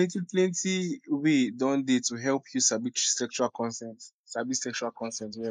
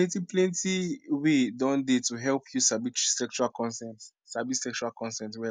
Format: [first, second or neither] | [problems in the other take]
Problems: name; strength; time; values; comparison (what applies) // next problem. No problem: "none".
second | noise reduction (neural mask model Resemble Enhance denoiser)